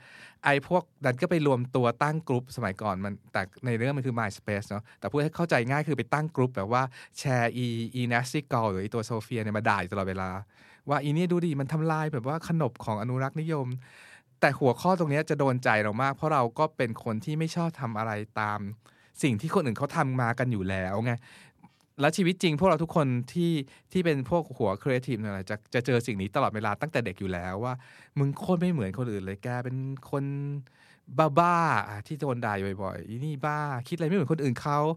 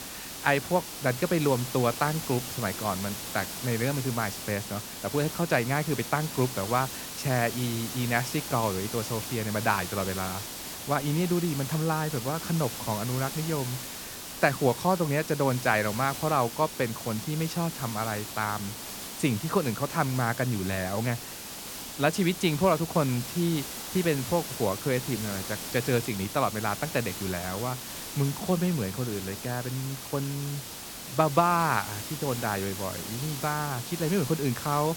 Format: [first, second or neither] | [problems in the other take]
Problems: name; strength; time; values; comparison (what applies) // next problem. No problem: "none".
first | hiss; loud; throughout; 7 dB below the speech